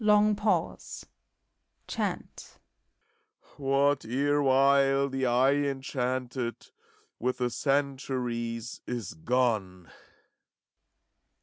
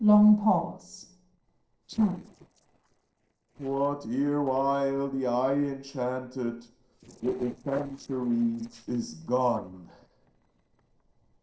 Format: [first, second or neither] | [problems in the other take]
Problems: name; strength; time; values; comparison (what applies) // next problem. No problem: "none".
first | noise reduction (neural separator model SepFormer DNS4)